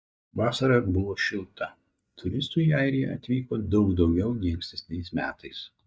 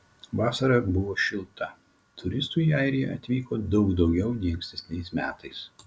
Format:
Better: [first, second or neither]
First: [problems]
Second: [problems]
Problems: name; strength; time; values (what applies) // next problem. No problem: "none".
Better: second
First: noise reduction (neural mask model DeepFilterNet 3)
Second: none